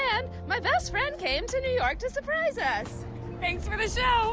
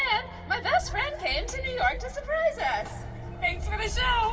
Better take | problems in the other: first | room echo; dies away in 2.9 s

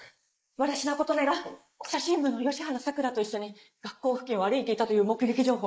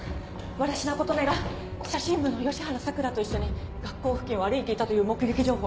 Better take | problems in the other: second | noise reduction (neural mask model Resemble Enhance denoiser)

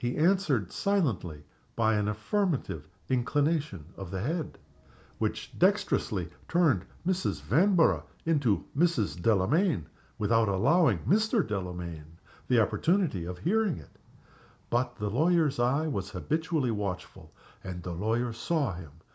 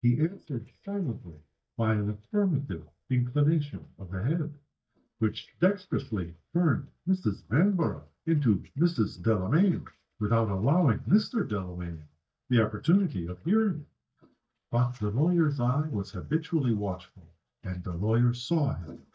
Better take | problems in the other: first | noise reduction (neural mask model DeepFilterNet 3)

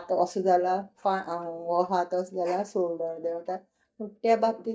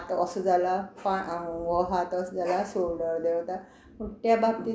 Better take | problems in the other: second | noise reduction (neural mask model DeepFilterNet 3)

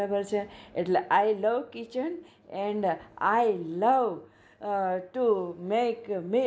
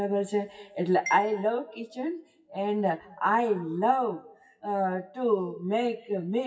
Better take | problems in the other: first | noise reduction (classical method WPE with log-MMSE)

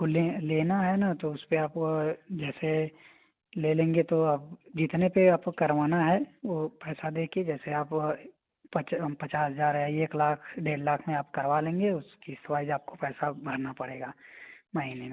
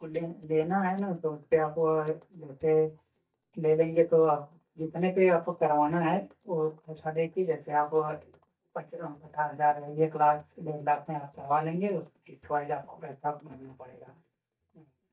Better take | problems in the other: first | noise reduction (neural mask model DeepFilterNet 3)

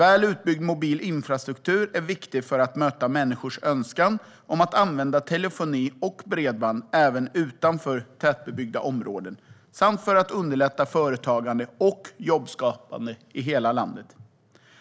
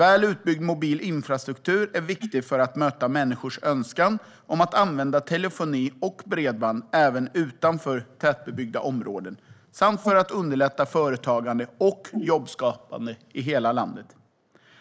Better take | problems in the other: first | noise reduction (neural mask model Resemble Enhance denoiser)

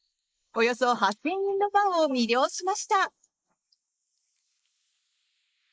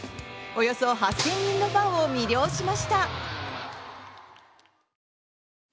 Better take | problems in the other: second | noise reduction (neural mask model Resemble Enhance denoiser)

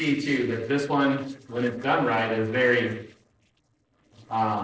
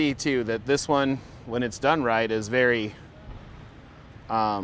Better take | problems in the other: second | noise reduction (neural separator model SepFormer DNS4)

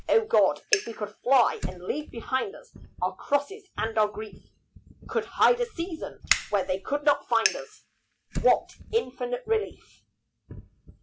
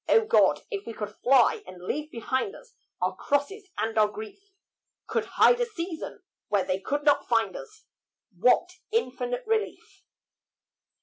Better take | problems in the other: second | background sound (Fire); 10 dB below the speech

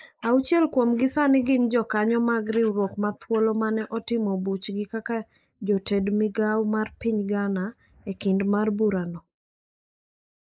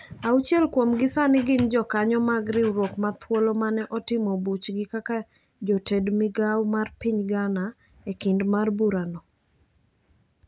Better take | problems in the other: second | noise reduction (neural mask model Resemble Enhance denoiser)

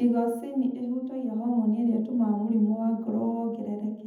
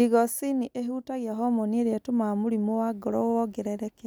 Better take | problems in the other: second | room echo; dies away in 0.8 s

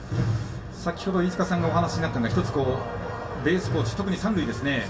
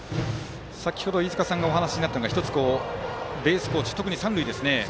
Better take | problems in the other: second | room echo; dies away in 0.2 s

